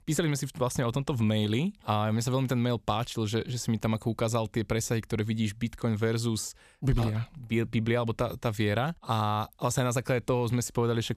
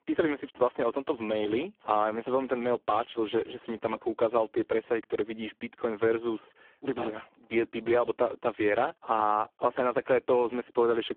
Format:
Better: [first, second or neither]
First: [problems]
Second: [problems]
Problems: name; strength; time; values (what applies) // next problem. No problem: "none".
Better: first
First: none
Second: phone-call audio; poor line